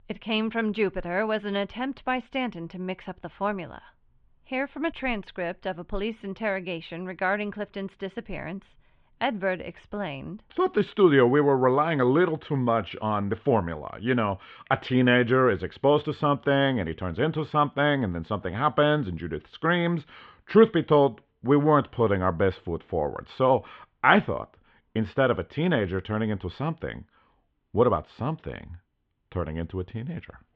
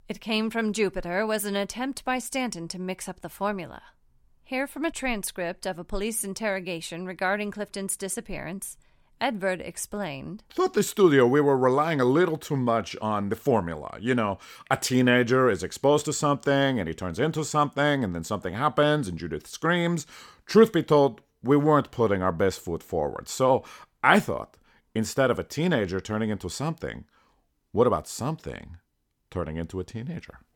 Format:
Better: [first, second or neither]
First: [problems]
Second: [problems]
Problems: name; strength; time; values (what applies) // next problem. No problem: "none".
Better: second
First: muffled; very; fading above 3.5 kHz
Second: none